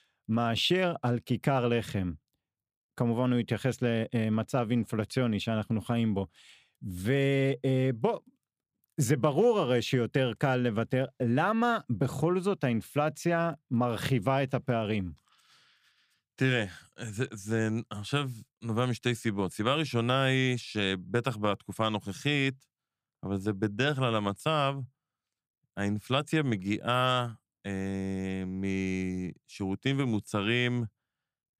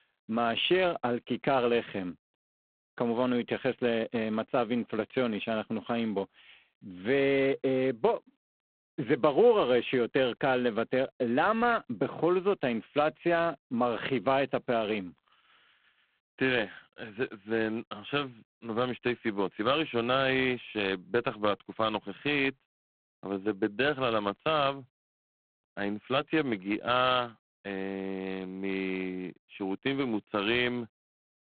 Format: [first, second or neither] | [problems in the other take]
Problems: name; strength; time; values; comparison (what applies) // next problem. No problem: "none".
first | phone-call audio; poor line